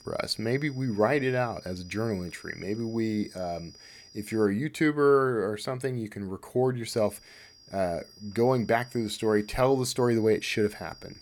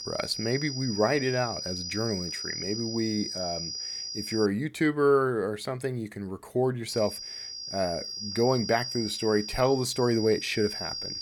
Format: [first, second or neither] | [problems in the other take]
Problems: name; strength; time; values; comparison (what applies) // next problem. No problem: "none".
first | high-pitched whine; loud; until 4.5 s and from 7 s on; 5 kHz, 6 dB below the speech; faint in the first